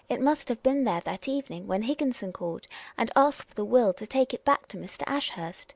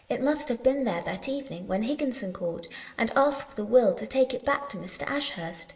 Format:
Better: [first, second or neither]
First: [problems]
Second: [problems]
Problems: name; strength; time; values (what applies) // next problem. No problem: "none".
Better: first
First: none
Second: room echo; dies away in 2.2 s